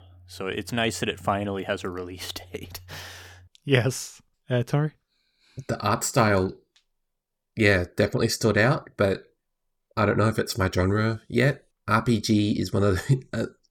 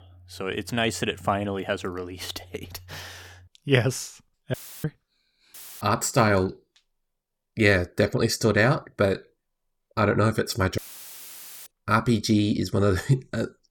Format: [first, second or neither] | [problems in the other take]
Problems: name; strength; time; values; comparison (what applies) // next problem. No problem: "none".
first | audio cutting out; filled with static; at 4.5 s, at 5.5 s and at 11 s for 1 s